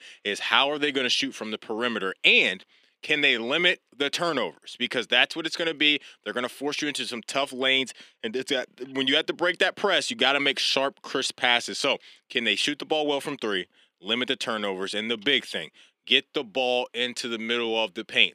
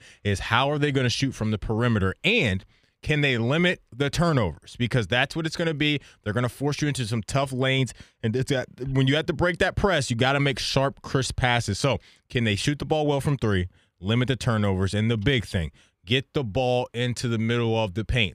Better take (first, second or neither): second